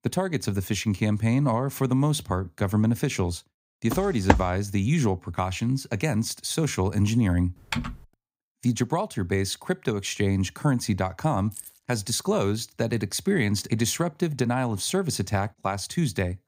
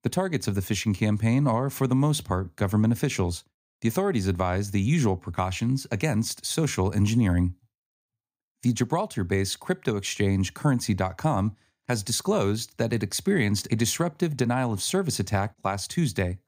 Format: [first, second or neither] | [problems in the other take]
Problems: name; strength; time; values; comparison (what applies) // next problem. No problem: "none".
second | footsteps; loud; at 4 s; peak 2 dB above the speech // keyboard typing; noticeable; at 7.5 s; peak 5 dB below the speech // jangling keys; faint; at 12 s; peak 15 dB below the speech